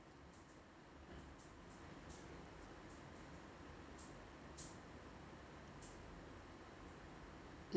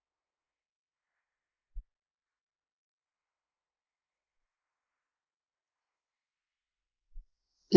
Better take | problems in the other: first | noise reduction (neural mask model Resemble Enhance denoiser)

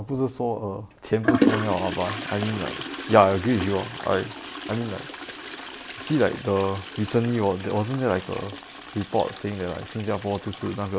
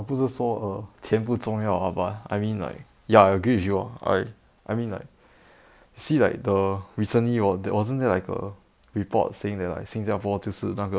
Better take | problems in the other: second | background sound (Toilet flush); 6 dB below the speech

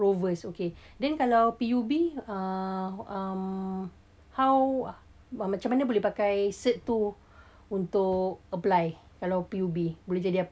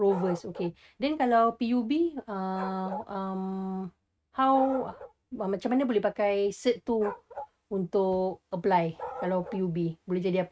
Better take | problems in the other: first | noise reduction (neural mask model RNNoise)

